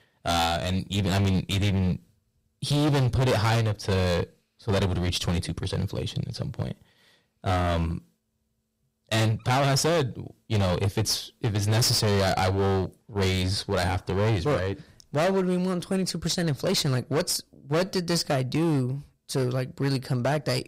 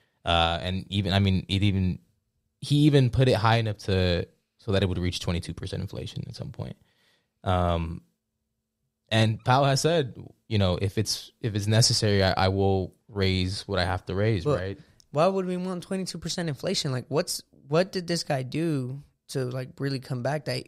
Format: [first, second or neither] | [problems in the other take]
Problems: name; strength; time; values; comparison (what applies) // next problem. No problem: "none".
second | distortion; heavy; 16% of the sound clipped